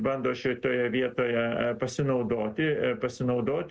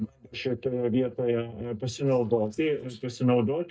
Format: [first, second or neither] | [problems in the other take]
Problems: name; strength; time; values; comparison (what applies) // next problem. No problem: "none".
first | noise reduction (neural mask model DeepFilterNet 3)